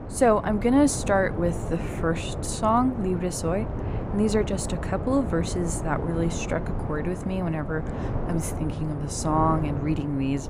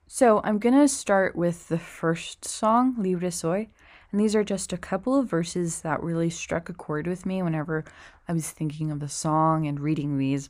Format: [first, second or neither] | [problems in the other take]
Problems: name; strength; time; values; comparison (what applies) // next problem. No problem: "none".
second | wind noise on the microphone; heavy; 9 dB below the speech